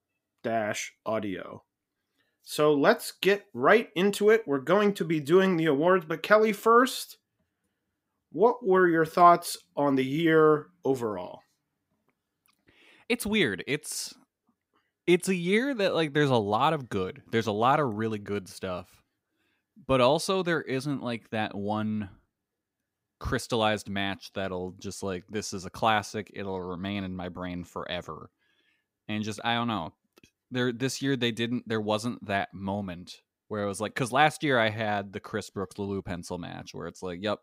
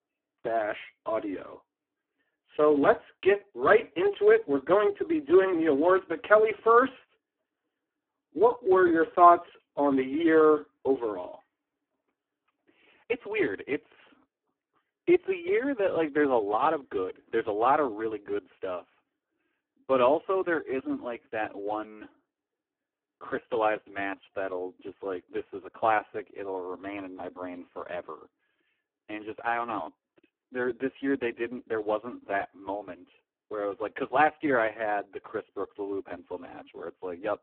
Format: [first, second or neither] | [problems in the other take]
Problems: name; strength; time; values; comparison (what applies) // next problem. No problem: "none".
first | phone-call audio; poor line